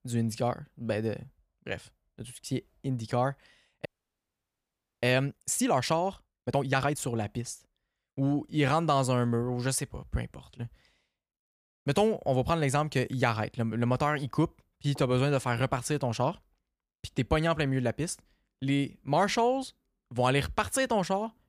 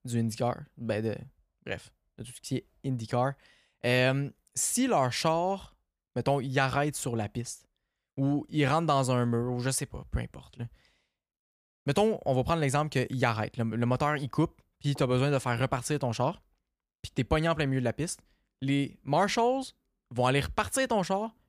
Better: second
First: audio freezing; at 4 s for 1 s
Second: none

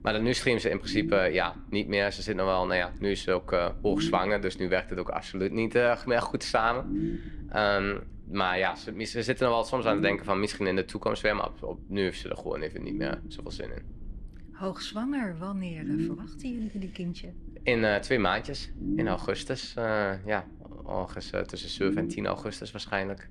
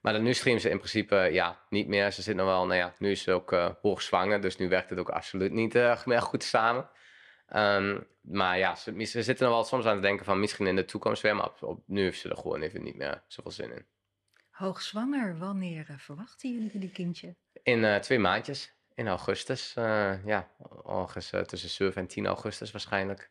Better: second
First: low rumble; noticeable; throughout; 10 dB below the speech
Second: none

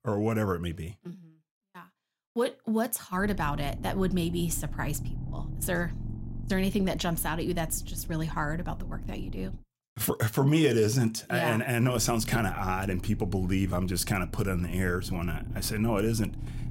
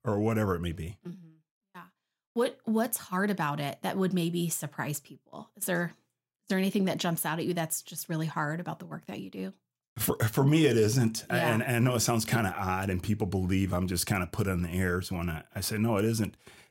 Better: second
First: low rumble; noticeable; from 3 to 9.5 s and from 12 s on; 20 dB below the speech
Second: none

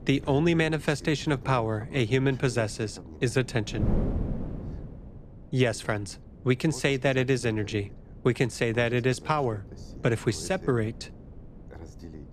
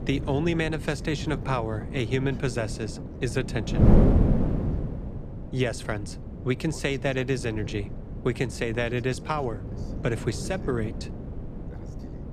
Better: first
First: wind noise on the microphone; occasional gusts; 20 dB below the speech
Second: wind noise on the microphone; heavy; 7 dB below the speech

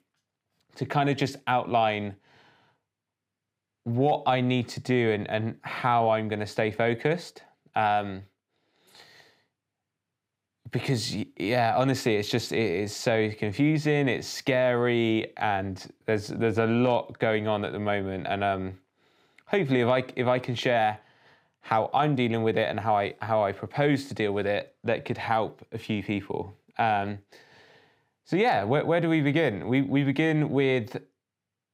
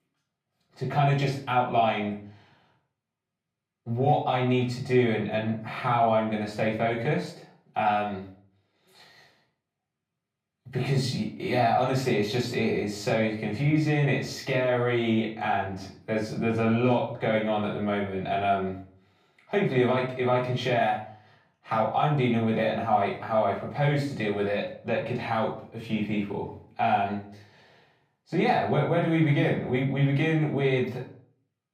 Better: first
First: none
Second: off-mic speech; far // room echo; slight; dies away in 0.4 s

